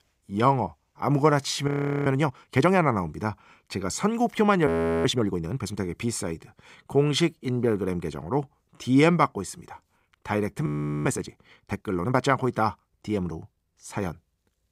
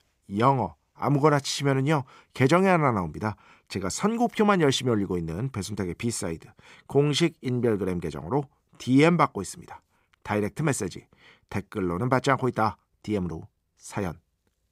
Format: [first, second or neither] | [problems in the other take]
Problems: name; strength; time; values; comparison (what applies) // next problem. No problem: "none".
second | audio freezing; at 1.5 s, at 4.5 s and at 11 s